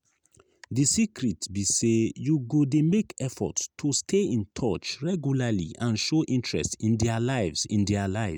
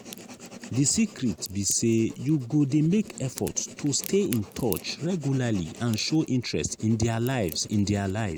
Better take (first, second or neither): first